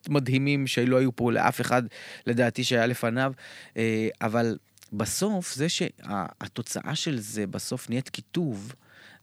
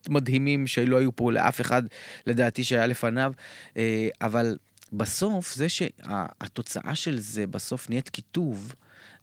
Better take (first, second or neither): first